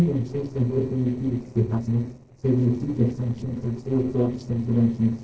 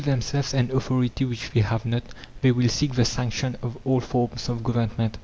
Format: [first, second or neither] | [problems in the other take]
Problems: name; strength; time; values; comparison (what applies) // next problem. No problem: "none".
second | noise reduction (neural separator model SepFormer DNS4)